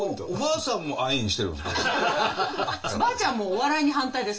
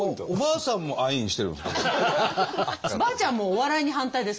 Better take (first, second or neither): second